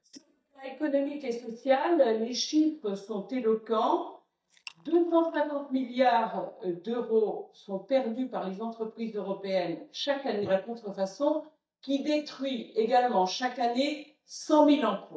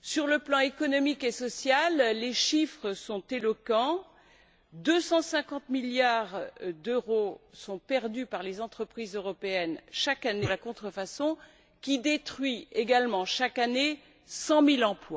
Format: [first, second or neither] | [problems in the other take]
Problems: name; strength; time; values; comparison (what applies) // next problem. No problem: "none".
second | noise reduction (neural mask model DeepFilterNet 3)